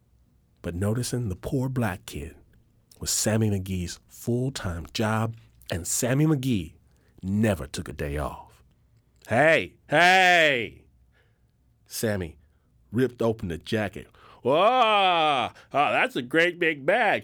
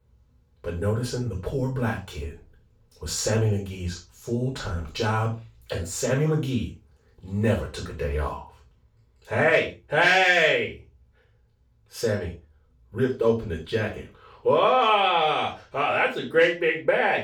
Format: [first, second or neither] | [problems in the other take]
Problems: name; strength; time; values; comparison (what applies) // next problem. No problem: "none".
first | room echo; noticeable; dies away in 0.3 s // off-mic speech; far